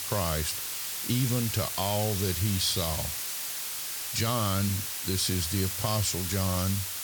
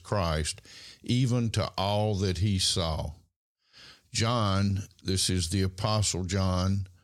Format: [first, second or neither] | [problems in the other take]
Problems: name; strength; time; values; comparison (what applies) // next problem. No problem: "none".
second | hiss; loud; throughout; 2 dB below the speech